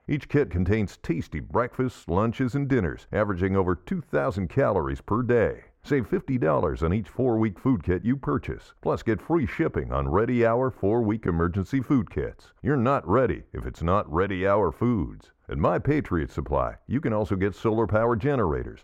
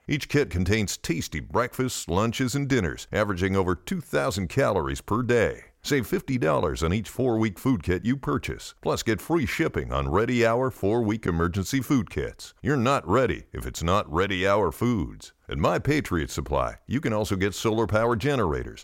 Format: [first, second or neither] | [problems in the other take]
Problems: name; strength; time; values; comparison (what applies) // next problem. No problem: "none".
second | muffled; very; fading above 2.5 kHz